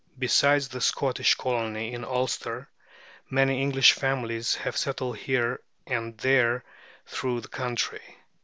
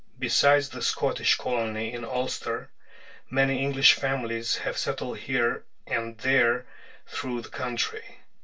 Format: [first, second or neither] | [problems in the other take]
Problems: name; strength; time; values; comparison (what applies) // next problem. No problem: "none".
first | room echo; dies away in 0.1 s